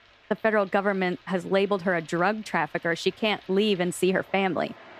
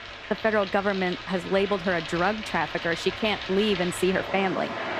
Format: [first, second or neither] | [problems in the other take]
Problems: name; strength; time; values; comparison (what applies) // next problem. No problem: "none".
first | rain or running water; loud; throughout; 8 dB below the speech; faint in the first